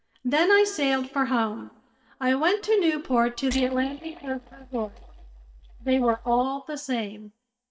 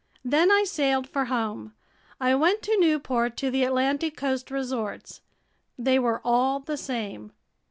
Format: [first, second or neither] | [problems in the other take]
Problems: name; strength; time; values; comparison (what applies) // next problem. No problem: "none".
second | noise reduction (neural mask model DeepFilterNet 3)